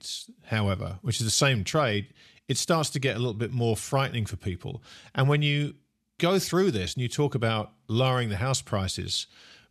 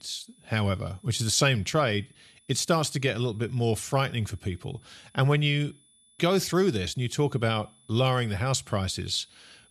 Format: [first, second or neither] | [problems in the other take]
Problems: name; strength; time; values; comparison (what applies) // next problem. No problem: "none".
first | high-pitched whine; faint; throughout; 10 kHz, 30 dB below the speech